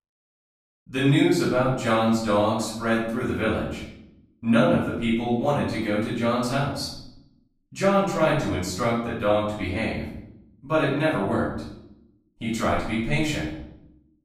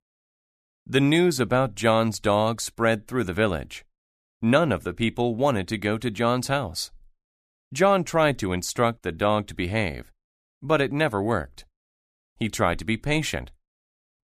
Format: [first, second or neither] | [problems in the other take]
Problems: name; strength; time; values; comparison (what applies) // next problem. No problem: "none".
second | room echo; noticeable; dies away in 0.7 s // off-mic speech; far